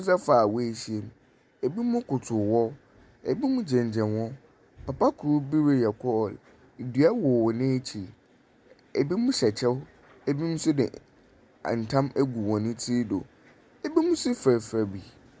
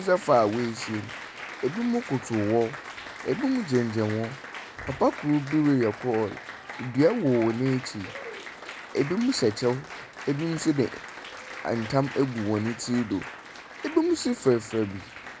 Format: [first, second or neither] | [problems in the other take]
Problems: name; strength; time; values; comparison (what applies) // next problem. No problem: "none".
first | background sound (Applause); 13 dB below the speech